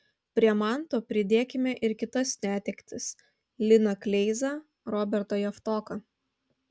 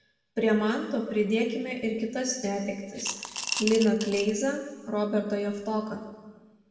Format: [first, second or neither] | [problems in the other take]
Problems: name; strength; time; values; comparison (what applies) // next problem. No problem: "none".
first | background sound (Coin (dropping) / Glass); 7 dB below the speech // room echo; dies away in 1.2 s